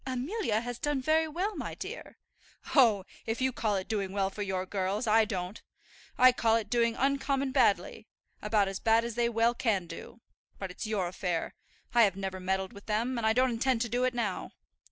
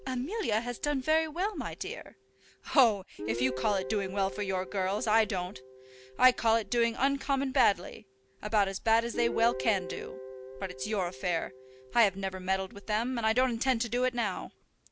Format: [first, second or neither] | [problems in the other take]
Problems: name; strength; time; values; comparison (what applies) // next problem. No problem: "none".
first | background sound (Guitar); 13 dB below the speech